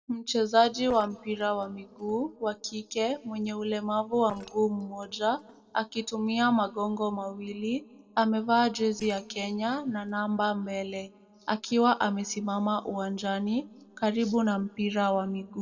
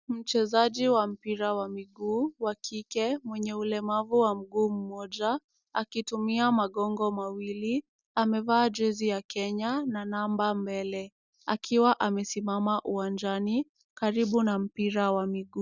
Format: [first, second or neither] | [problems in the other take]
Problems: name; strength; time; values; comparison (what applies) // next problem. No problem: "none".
second | noise reduction (neural separator model SepFormer DNS4)